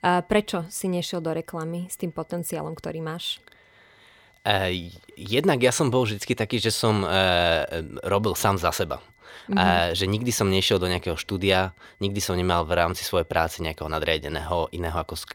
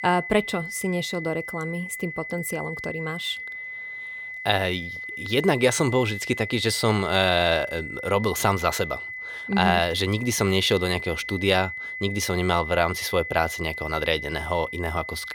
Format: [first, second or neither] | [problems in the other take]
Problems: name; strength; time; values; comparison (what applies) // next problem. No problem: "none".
first | high-pitched whine; loud; throughout; 2 kHz, 8 dB below the speech; faint in the first